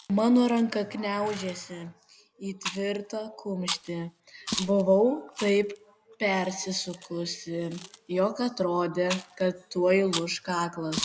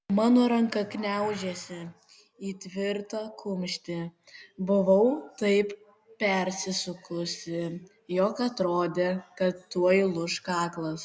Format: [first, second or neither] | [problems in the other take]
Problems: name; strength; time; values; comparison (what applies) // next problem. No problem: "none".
second | background sound (Chewing, mastication); 13 dB below the speech